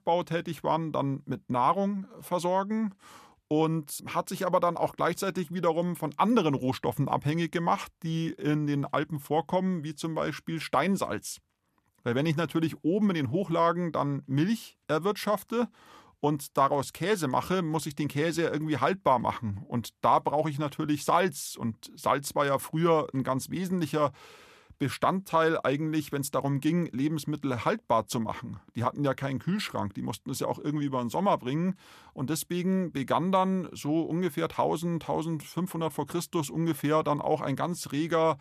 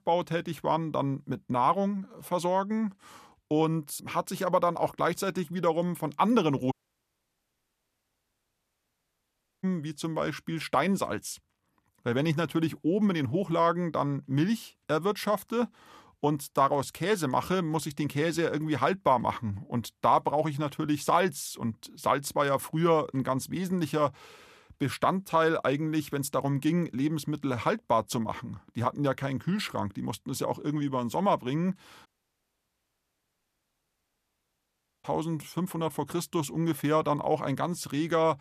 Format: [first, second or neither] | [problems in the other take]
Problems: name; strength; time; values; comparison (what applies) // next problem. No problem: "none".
first | audio cutting out; at 6.5 s for 3 s and at 32 s for 3 s